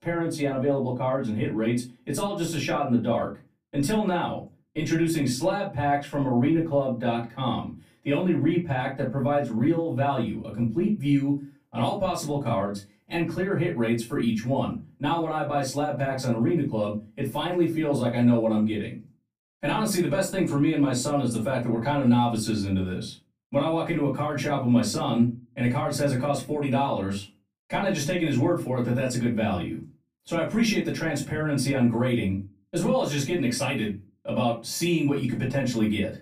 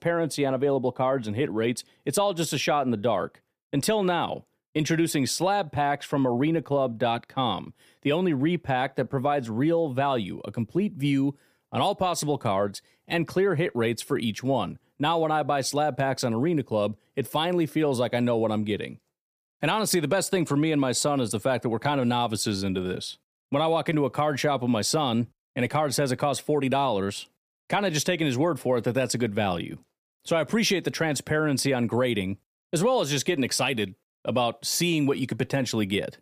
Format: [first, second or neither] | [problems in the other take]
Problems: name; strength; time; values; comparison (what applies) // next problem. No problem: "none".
second | off-mic speech; far // room echo; slight; dies away in 0.3 s